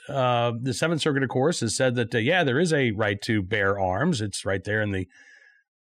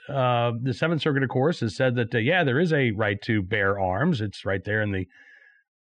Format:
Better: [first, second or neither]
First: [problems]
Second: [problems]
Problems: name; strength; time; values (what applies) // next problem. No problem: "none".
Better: first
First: none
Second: muffled; slightly; fading above 3 kHz